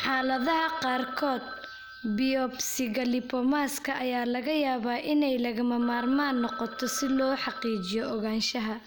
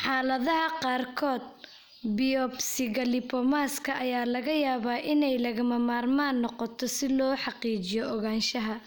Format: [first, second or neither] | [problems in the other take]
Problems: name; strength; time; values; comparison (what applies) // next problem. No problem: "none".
second | background sound (Telephone); 14 dB below the speech